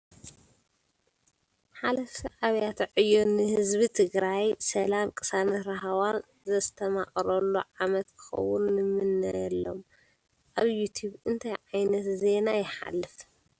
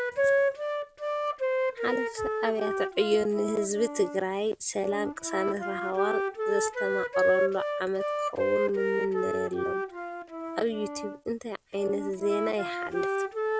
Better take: first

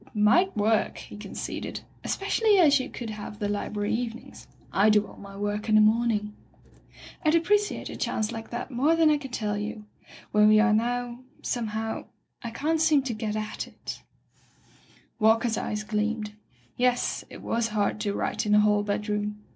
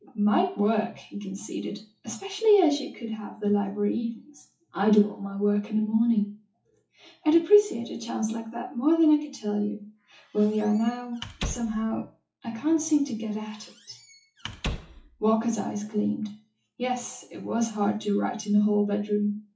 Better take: first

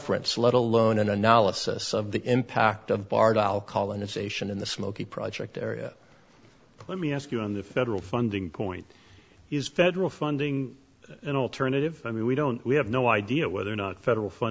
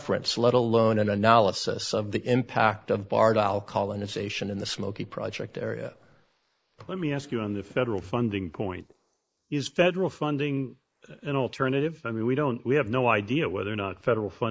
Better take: first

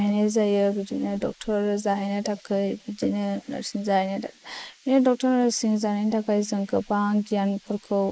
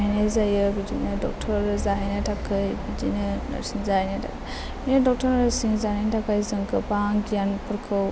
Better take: second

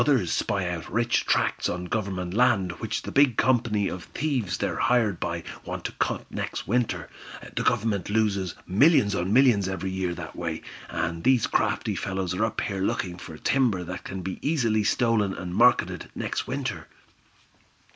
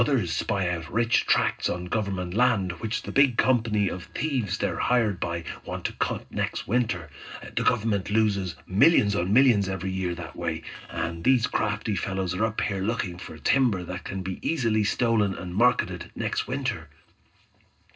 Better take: first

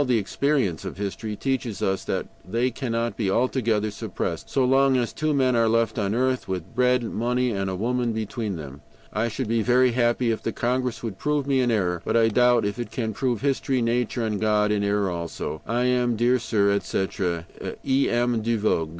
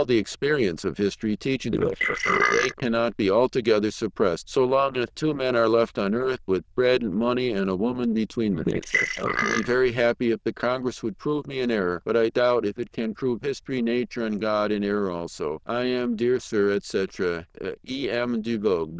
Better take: first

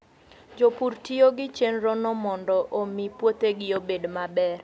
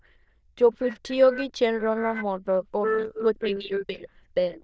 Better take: first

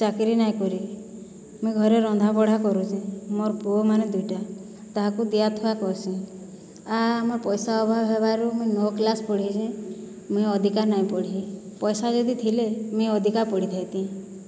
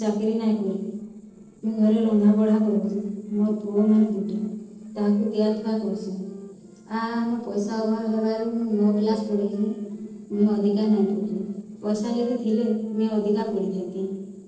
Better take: first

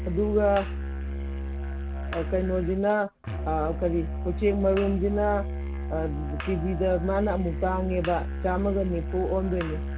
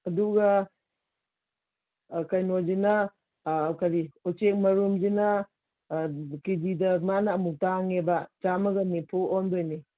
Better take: second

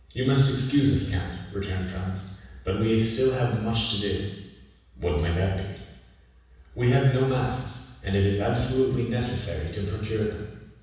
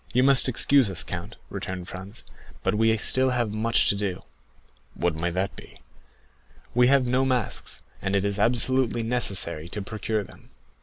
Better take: second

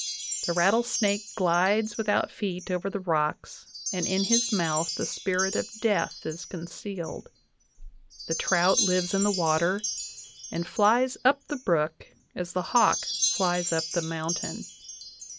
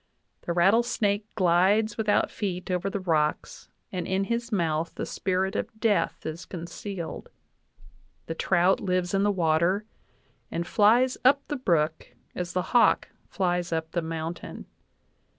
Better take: second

